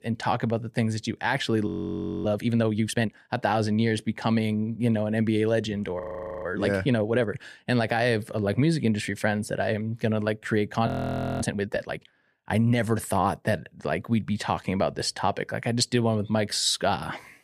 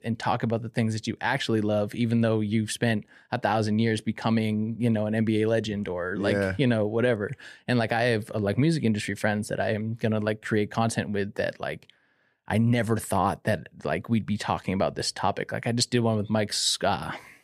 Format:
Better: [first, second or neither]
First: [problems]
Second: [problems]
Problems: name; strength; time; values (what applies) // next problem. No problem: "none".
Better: second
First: audio freezing; at 1.5 s for 0.5 s, at 6 s and at 11 s for 0.5 s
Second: none